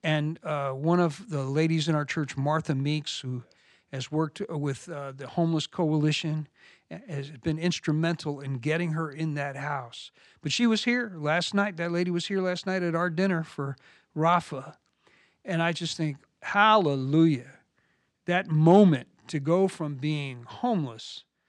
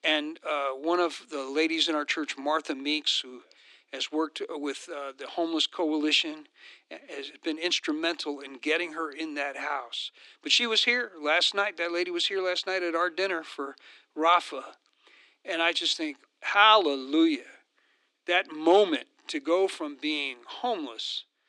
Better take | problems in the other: first | thin; somewhat; fading below 300 Hz

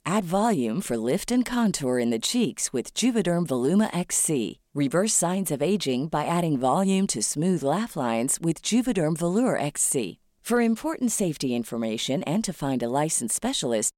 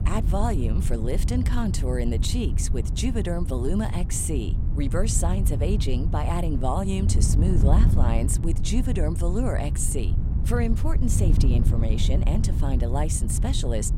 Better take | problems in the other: first | wind noise on the microphone; heavy; 8 dB below the speech

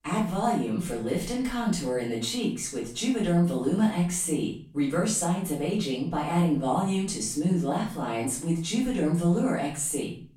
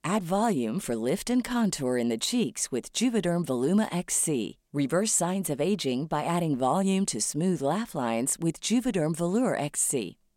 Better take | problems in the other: second | off-mic speech; far // room echo; noticeable; dies away in 0.5 s

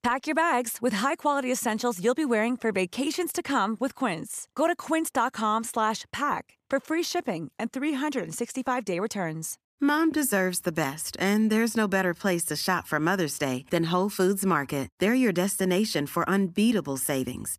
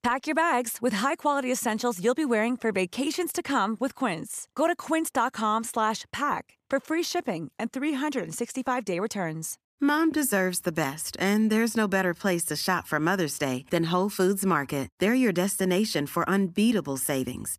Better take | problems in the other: neither | none

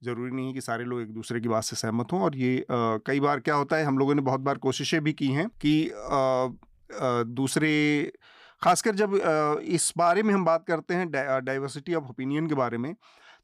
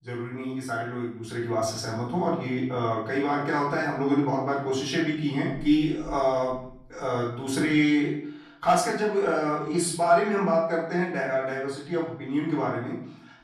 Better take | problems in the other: first | off-mic speech; far // room echo; noticeable; dies away in 0.6 s

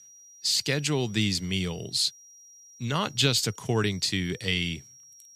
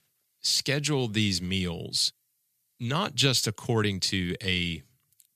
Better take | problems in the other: second | high-pitched whine; faint; throughout; 5.5 kHz, 20 dB below the speech

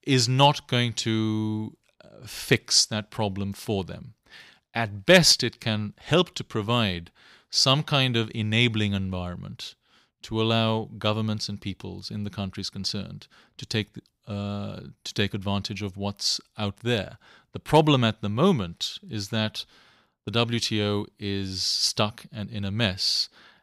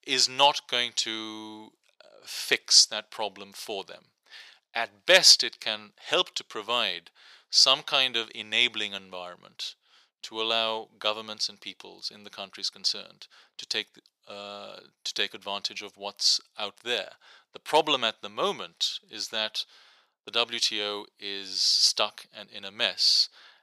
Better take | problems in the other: first | thin; very; fading below 600 Hz

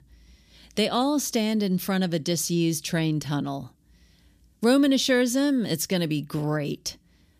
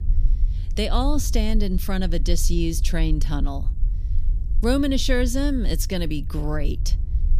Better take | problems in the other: first | low rumble; noticeable; throughout; 20 dB below the speech

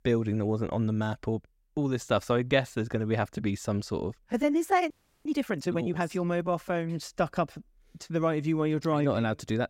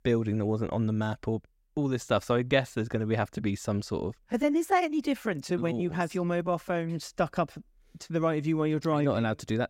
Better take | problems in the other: second | audio freezing; at 5 s

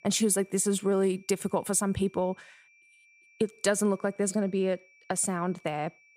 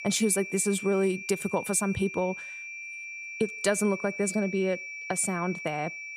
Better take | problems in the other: first | high-pitched whine; loud; throughout; 2.5 kHz, 9 dB below the speech; faint in the first

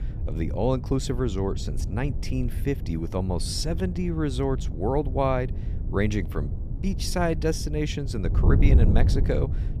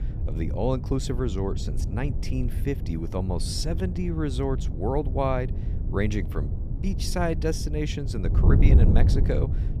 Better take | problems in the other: first | wind noise on the microphone; heavy; 9 dB below the speech; occasional gusts in the first

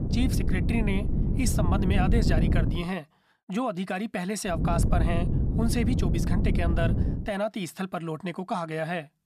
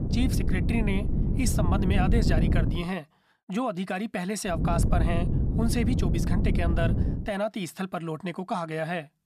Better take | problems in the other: neither | wind noise on the microphone; heavy; until 2.5 s and from 4.5 to 7 s; 5 dB below the speech; the same in both

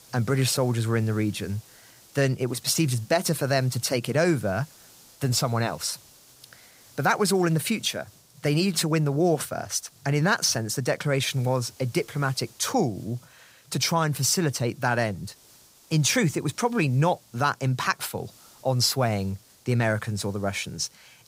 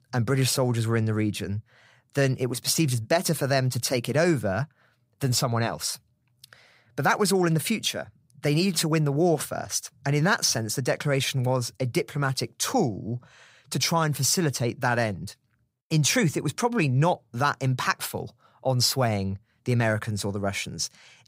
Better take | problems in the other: second | hiss; faint; throughout; 25 dB below the speech

